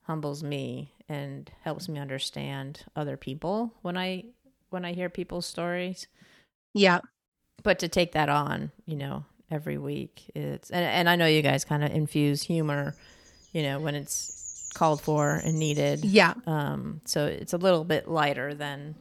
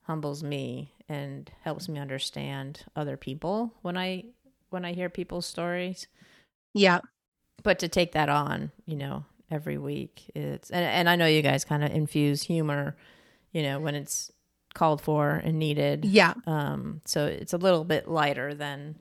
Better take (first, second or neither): second